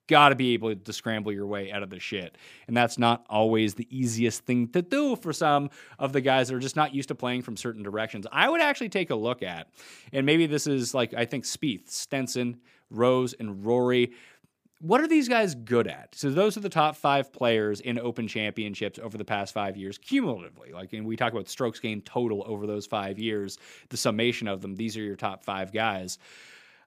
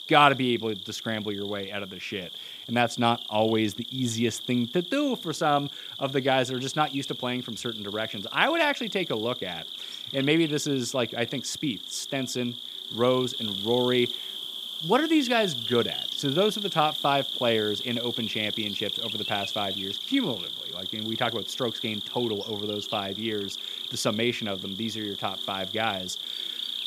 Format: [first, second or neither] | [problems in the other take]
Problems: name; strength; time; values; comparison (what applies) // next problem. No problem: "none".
first | animal sounds; loud; throughout; 5 dB below the speech